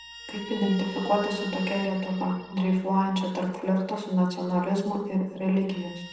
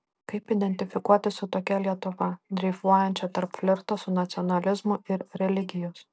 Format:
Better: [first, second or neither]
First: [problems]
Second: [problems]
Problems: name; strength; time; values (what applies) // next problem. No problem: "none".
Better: second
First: background sound (Guitar); 17 dB below the speech // room echo; dies away in 0.7 s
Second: none